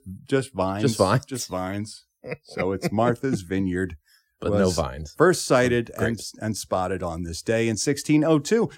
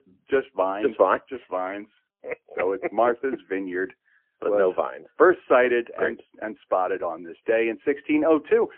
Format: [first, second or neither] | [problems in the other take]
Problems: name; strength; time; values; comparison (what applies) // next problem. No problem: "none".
first | phone-call audio; poor line